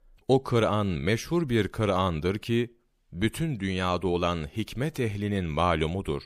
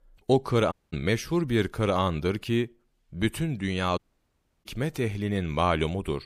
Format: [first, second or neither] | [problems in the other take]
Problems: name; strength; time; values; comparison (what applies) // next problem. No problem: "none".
first | audio cutting out; at 0.5 s and at 4 s for 0.5 s